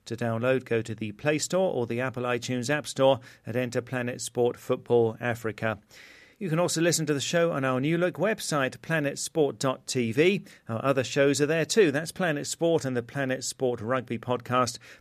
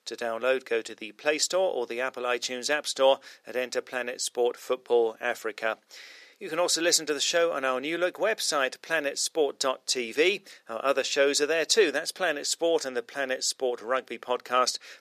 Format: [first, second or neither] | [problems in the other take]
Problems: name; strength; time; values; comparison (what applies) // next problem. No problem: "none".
first | thin; somewhat; fading below 400 Hz